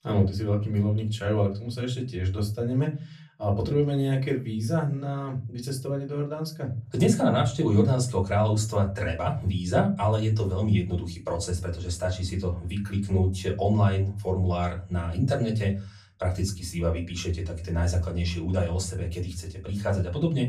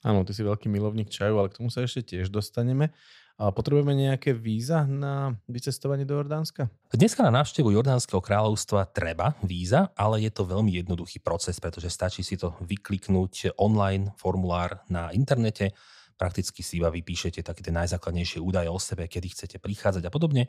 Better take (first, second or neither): second